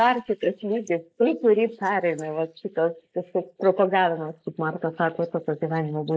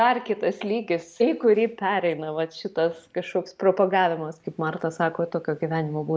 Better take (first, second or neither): second